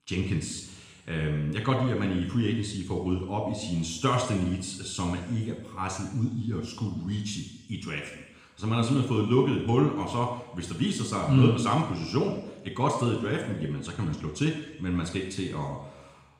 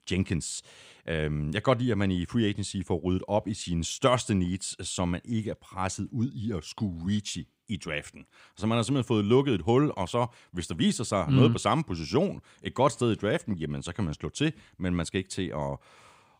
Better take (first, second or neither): second